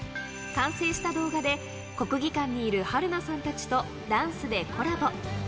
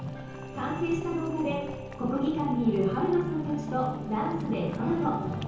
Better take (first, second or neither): first